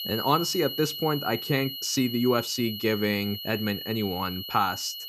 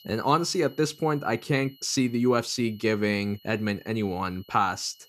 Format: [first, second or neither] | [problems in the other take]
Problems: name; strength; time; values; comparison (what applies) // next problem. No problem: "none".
second | high-pitched whine; loud; throughout; 3 kHz, 7 dB below the speech; faint in the second